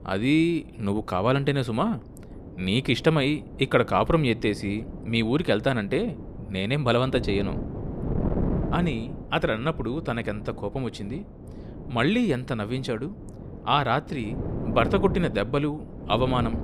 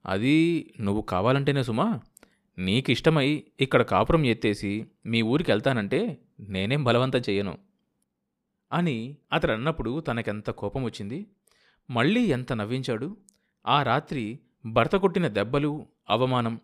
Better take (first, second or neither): second